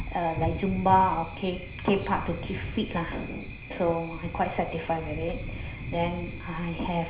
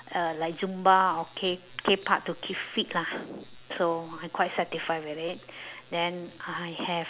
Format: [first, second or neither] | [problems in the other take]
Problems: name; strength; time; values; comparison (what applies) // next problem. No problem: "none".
second | background sound (Thunder); 7 dB below the speech // room echo; dies away in 0.5 s